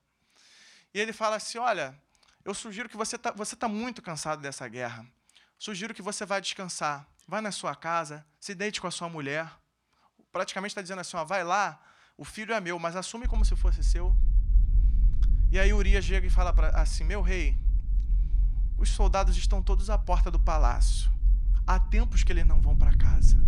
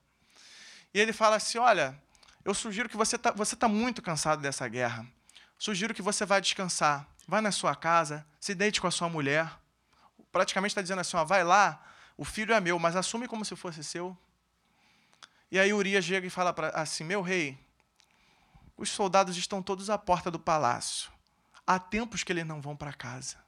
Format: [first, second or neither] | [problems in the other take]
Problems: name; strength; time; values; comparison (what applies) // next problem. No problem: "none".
second | low rumble; noticeable; from 13 s on; 20 dB below the speech